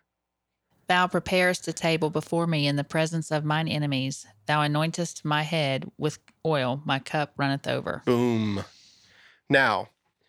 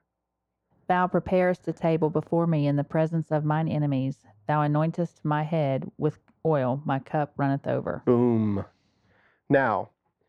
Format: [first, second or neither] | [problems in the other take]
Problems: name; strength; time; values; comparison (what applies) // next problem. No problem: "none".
first | muffled; very; fading above 2 kHz